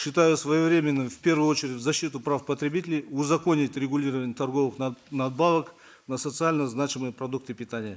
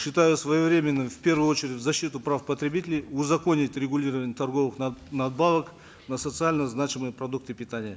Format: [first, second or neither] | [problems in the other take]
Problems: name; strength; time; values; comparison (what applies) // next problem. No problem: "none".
second | noise reduction (neural mask model Resemble Enhance denoiser)